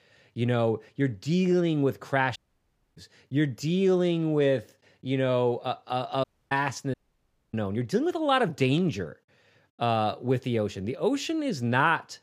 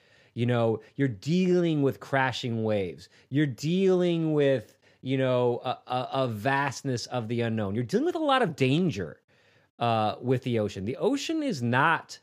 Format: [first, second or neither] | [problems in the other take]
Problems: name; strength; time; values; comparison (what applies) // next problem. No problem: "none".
second | audio cutting out; at 2.5 s for 0.5 s, at 6 s and at 7 s for 0.5 s